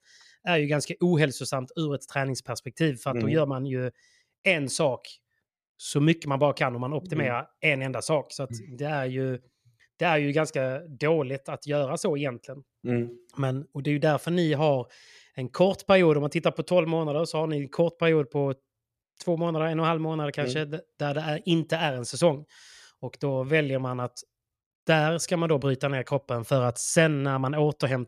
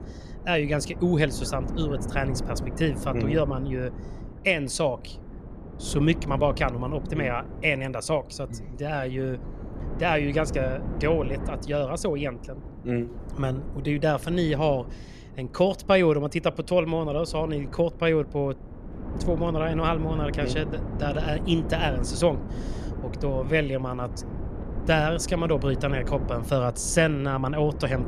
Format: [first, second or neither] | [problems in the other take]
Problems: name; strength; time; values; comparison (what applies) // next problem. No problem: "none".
first | wind noise on the microphone; occasional gusts; 15 dB below the speech